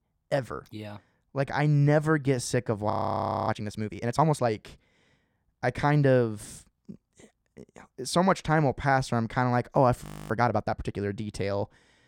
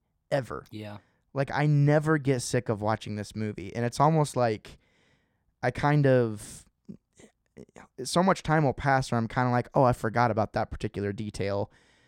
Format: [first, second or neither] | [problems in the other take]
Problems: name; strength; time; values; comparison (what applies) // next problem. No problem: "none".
second | audio freezing; at 3 s for 0.5 s and at 10 s